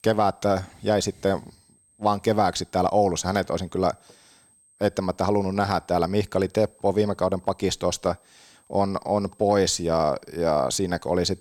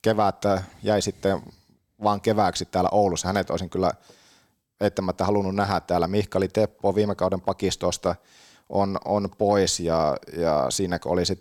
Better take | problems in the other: second | high-pitched whine; faint; throughout; 8.5 kHz, 35 dB below the speech

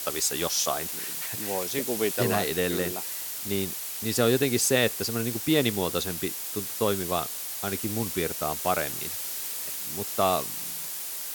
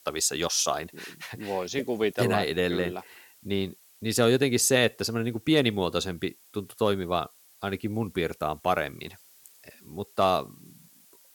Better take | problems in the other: second | hiss; loud; throughout; 3 dB below the speech; faint in the second

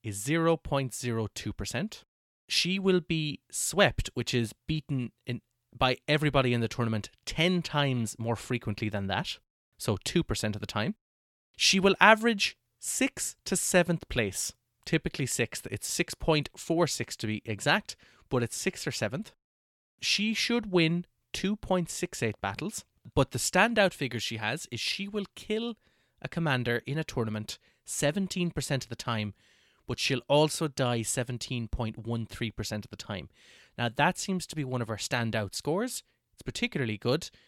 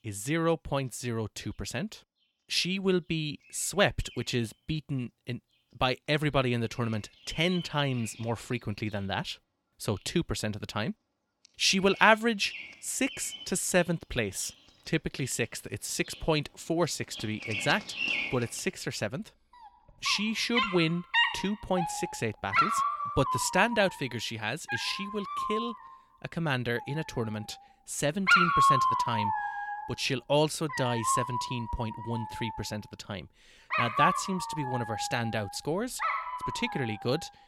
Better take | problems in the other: first | animal sounds; loud; throughout; as loud as the speech

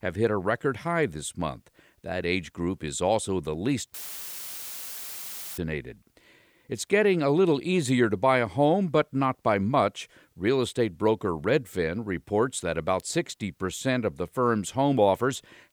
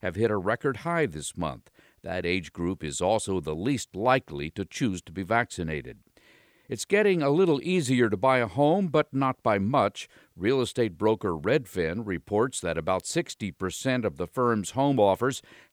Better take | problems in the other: second | audio cutting out; filled with static; at 4 s for 1.5 s

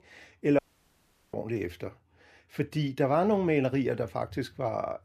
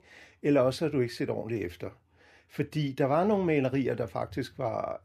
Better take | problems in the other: second | audio cutting out; at 0.5 s for 0.5 s

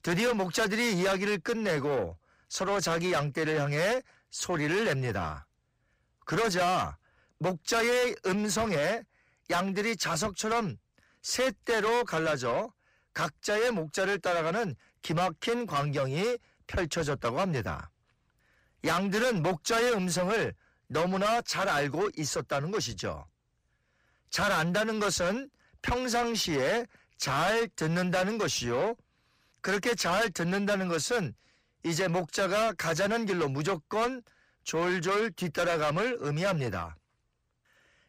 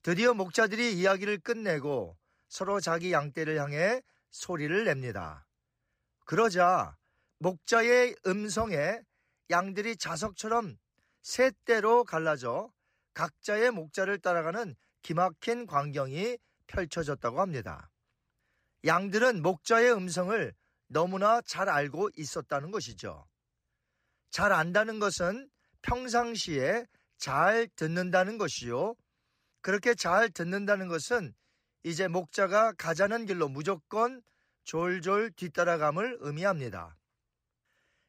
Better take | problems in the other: second | distortion; heavy; 6 dB below the speech

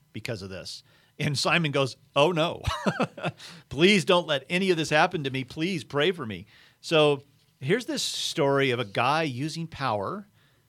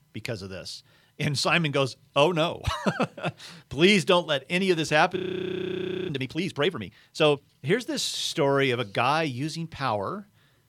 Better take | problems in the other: first | audio freezing; at 5 s for 1 s

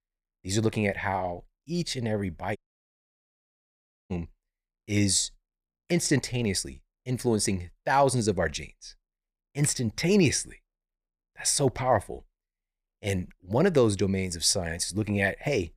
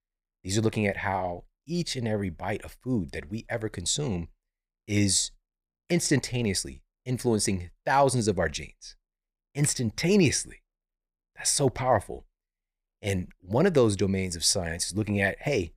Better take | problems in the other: second | audio cutting out; at 2.5 s for 1.5 s

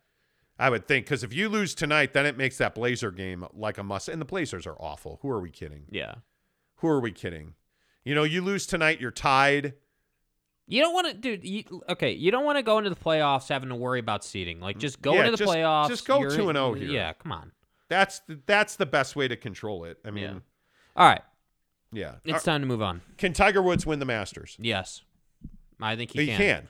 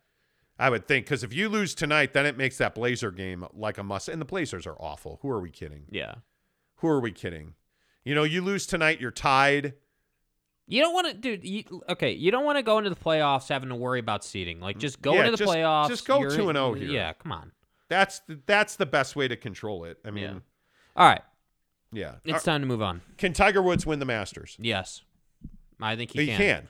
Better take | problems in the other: neither | none

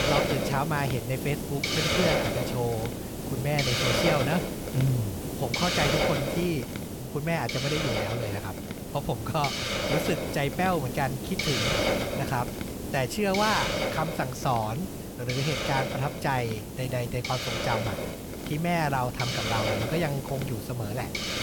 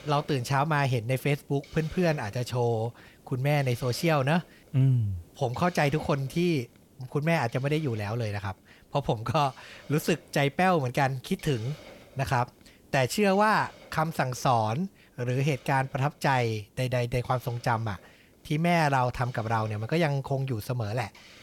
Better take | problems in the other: second | hiss; loud; throughout; as loud as the speech; faint in the second

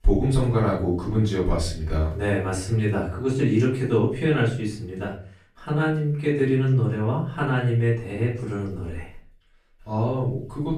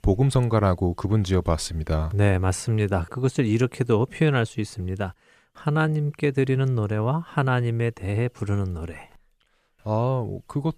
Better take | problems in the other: second | off-mic speech; far // room echo; slight; dies away in 0.4 s

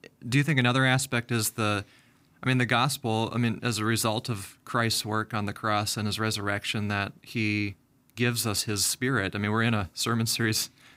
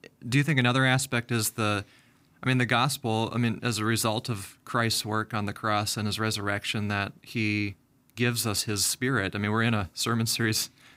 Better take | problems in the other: neither | none

